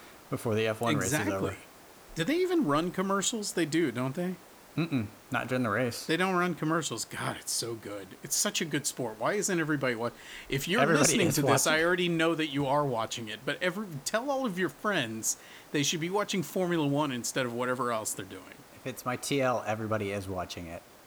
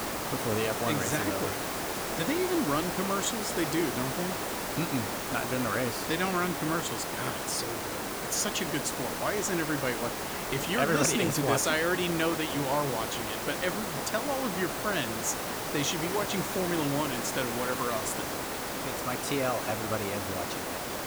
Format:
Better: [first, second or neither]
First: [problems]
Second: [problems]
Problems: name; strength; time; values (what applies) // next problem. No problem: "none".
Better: first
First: hiss; faint; throughout; 25 dB below the speech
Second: hiss; loud; throughout; 1 dB below the speech